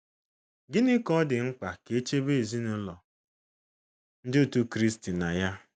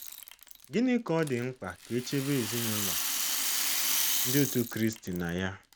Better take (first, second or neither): first